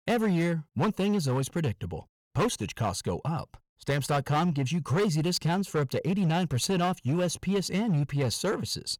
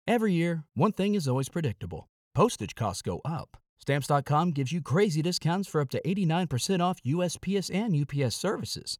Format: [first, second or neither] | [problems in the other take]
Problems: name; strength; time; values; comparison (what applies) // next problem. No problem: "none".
second | distortion; slight; 11% of the sound clipped